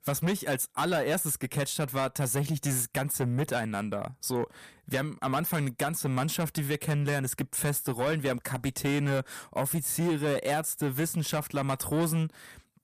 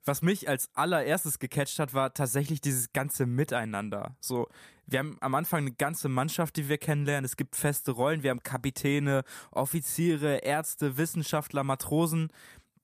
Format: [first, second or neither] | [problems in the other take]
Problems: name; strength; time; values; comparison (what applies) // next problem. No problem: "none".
second | distortion; slight; 10 dB below the speech